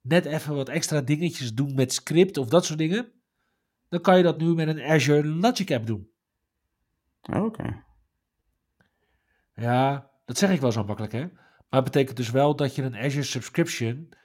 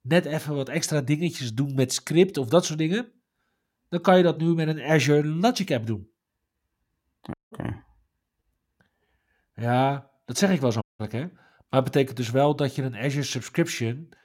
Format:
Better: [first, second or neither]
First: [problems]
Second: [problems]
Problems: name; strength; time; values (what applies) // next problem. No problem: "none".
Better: first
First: none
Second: audio cutting out; at 7.5 s and at 11 s